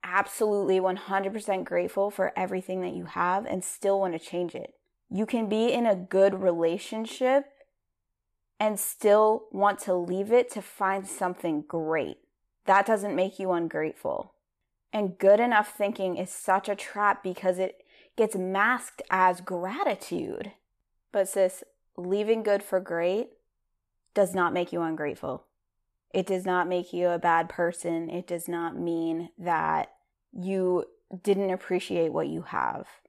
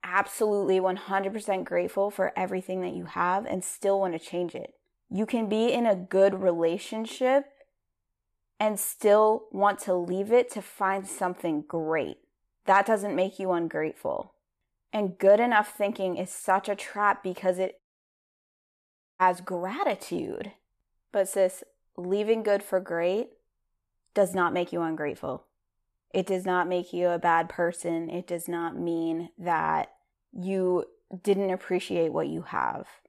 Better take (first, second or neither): first